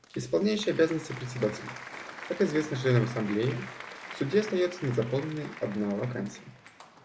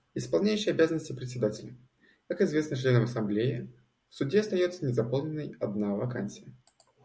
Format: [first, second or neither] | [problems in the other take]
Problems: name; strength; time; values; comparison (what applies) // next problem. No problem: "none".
second | background sound (Applause); 14 dB below the speech